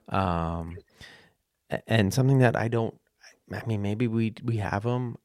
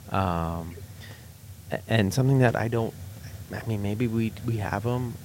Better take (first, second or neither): first